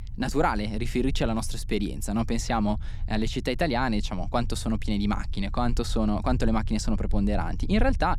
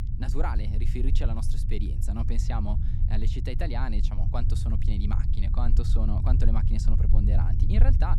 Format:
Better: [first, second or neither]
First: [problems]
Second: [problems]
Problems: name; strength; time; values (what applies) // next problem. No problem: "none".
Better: first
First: low rumble; faint; throughout; 25 dB below the speech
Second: low rumble; loud; throughout; 5 dB below the speech